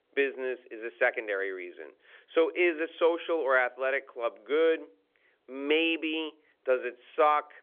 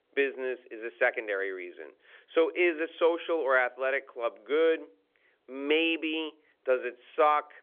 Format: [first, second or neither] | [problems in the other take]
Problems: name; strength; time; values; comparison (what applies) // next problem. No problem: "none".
neither | phone-call audio; nothing above 3.5 kHz; the same in both